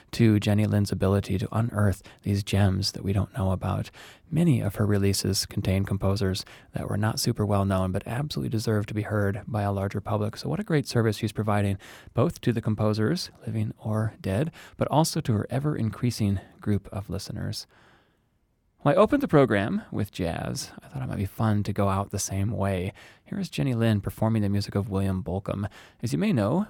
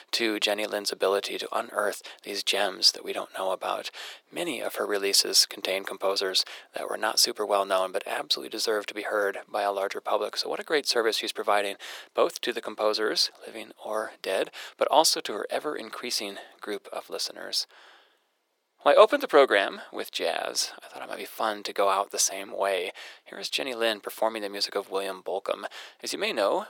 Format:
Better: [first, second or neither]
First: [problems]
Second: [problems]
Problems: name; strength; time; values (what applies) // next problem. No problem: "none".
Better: first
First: none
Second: thin; very; fading below 400 Hz